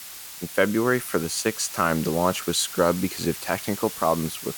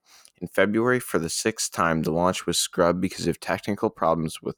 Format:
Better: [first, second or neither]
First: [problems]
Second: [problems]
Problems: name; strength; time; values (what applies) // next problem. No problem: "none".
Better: second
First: hiss; noticeable; throughout; 10 dB below the speech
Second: none